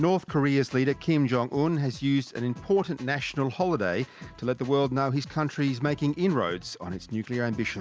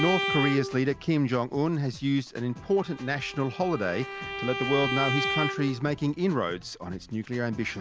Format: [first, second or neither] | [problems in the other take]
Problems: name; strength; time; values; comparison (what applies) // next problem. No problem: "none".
first | background sound (Bowed string instrument); 7 dB below the speech